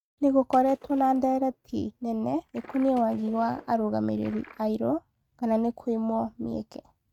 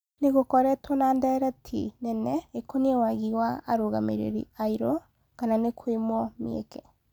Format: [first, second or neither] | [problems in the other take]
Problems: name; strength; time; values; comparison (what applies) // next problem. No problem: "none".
second | noise reduction (neural mask model RNNoise)